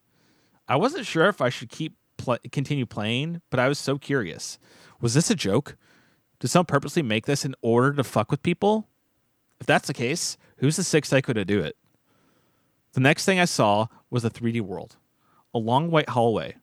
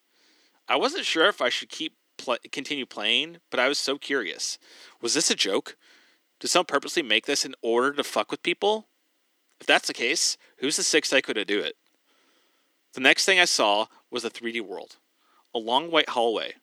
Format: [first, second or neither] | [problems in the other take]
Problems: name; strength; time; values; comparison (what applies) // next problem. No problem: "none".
first | thin; somewhat; fading below 300 Hz